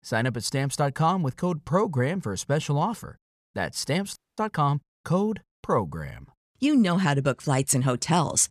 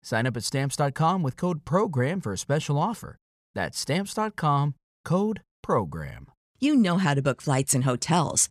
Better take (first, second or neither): second